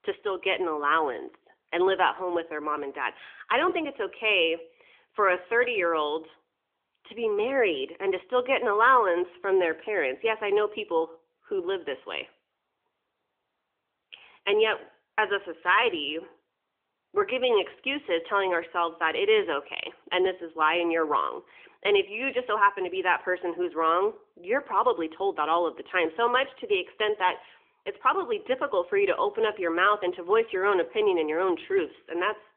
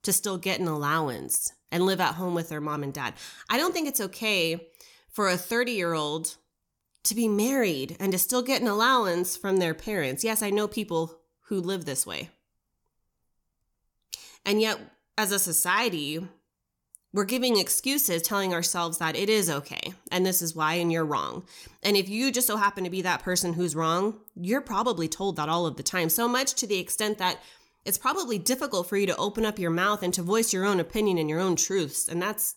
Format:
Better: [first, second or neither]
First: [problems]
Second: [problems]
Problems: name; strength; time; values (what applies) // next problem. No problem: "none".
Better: second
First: phone-call audio; nothing above 3.5 kHz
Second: none